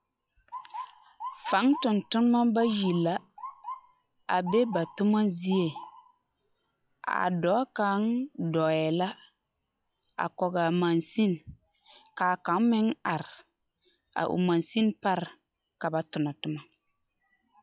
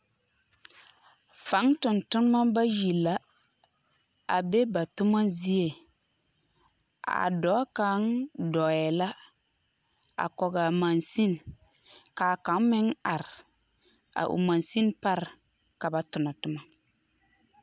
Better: second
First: noise reduction (classical method log-MMSE)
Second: none

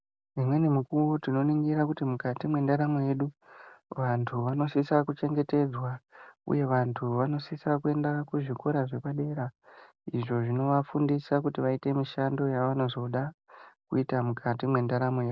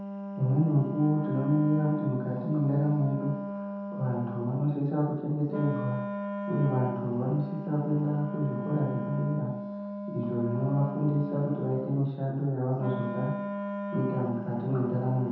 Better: first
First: none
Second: background sound (Wind instrument, woodwind instrument); 7 dB below the speech // room echo; dies away in 0.9 s

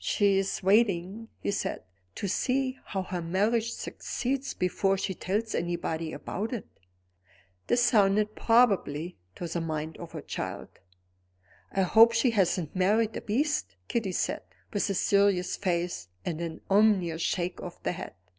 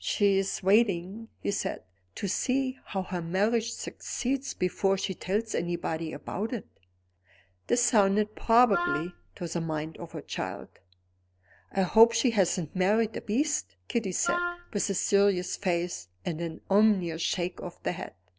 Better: first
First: none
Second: background sound (Wind instrument, woodwind instrument); 5 dB below the speech

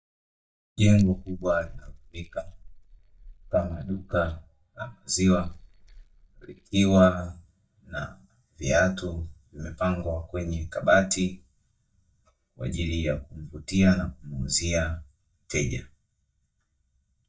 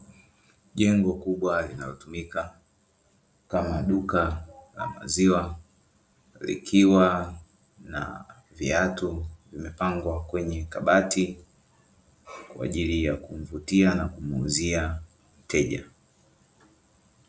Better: second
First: noise reduction (neural mask model DeepFilterNet 3)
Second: none

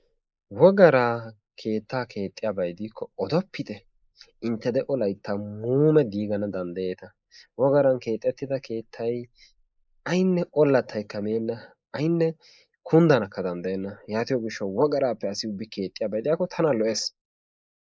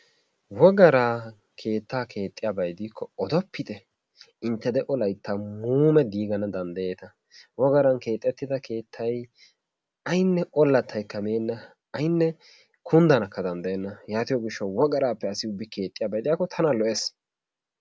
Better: second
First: noise reduction (neural mask model Resemble Enhance denoiser)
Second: none

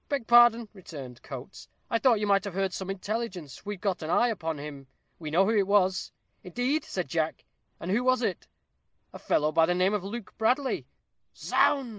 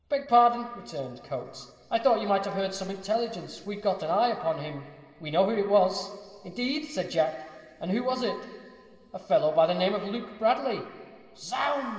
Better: first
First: none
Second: room echo; dies away in 2.9 s

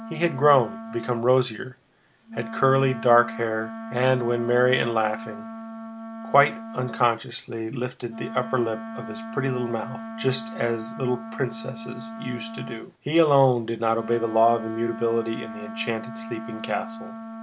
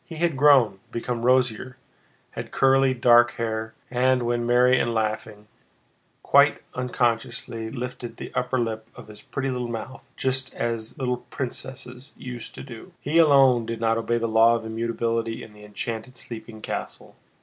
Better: second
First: background sound (Wind instrument, woodwind instrument); 11 dB below the speech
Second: none

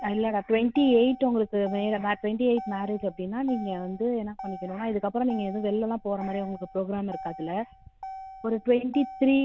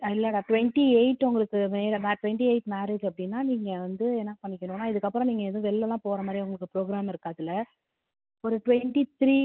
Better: second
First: background sound (Motor vehicle (road)); 16 dB below the speech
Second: none

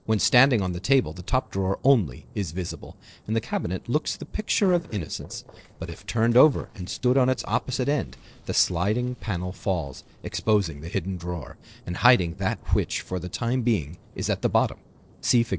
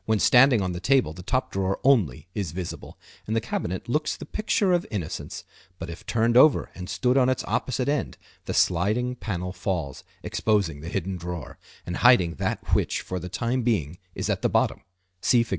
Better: second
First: noise reduction (neural separator model SepFormer DNS4)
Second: none

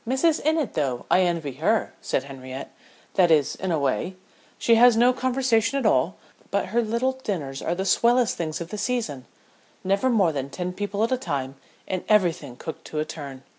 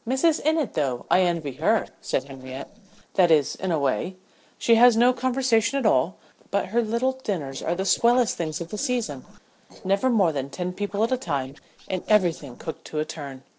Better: first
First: none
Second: noise reduction (neural separator model SepFormer DNS4)

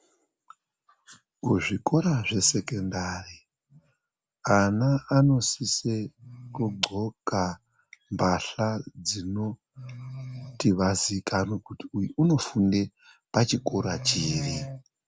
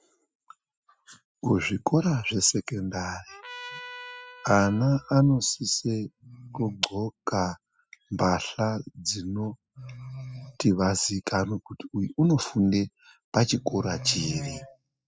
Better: first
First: none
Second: noise reduction (classical method spectral subtraction)

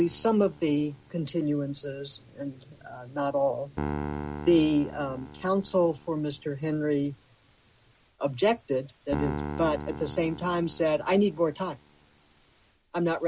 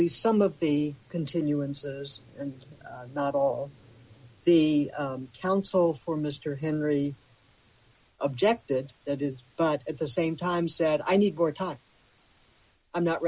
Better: second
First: background sound (Piano); 12 dB below the speech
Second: none

